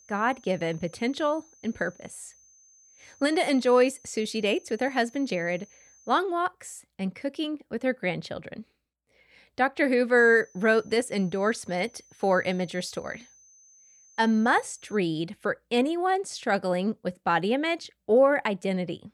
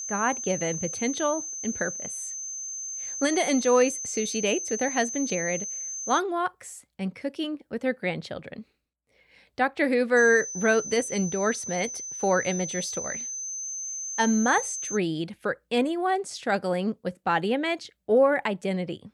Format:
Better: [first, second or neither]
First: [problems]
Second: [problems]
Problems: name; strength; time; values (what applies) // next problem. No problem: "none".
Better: first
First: high-pitched whine; faint; until 6 s and from 10 to 15 s; 6 kHz, 30 dB below the speech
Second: high-pitched whine; loud; until 6 s and from 10 to 15 s; 6 kHz, 5 dB below the speech